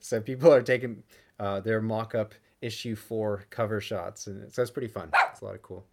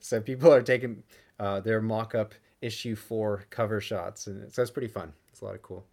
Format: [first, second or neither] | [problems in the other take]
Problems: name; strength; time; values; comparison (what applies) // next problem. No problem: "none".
second | dog barking; loud; at 5 s; peak 3 dB above the speech